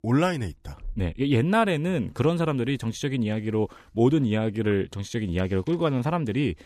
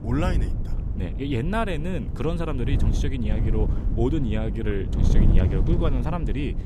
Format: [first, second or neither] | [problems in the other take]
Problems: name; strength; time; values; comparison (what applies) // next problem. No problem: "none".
first | wind noise on the microphone; heavy; 7 dB below the speech